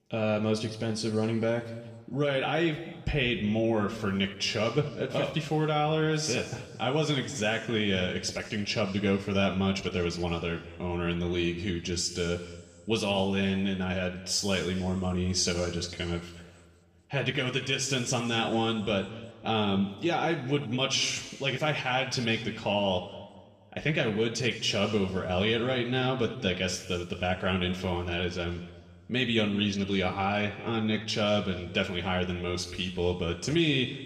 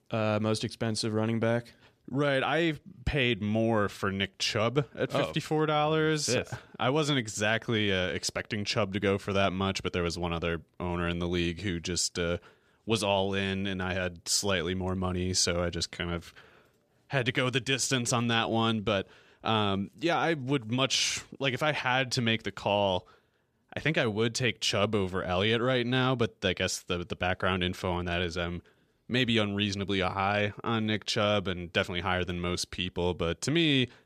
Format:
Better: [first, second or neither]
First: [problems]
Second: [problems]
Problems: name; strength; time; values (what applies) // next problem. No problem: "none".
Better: second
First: room echo; slight; dies away in 1.6 s // off-mic speech; somewhat distant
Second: none